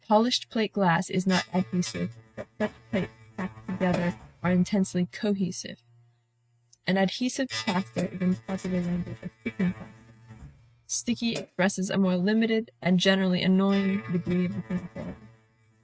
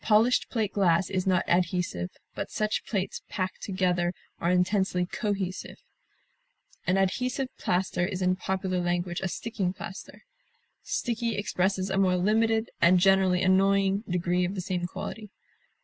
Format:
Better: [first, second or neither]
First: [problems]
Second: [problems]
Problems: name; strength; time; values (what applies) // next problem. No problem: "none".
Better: second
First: noise reduction (neural mask model RNNoise)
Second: none